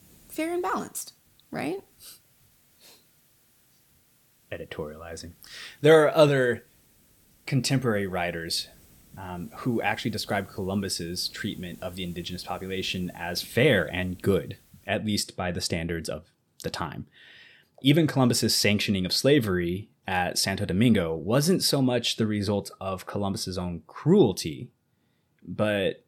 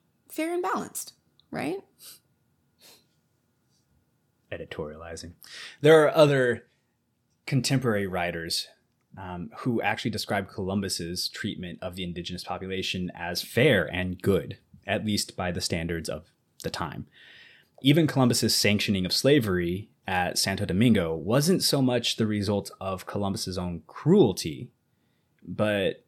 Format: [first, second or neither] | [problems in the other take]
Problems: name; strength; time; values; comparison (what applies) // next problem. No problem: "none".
second | hiss; faint; until 15 s; 30 dB below the speech